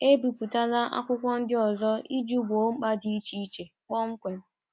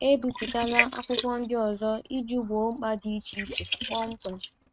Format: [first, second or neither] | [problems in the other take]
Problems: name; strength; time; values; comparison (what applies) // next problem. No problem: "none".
first | noise reduction (neural mask model RNNoise)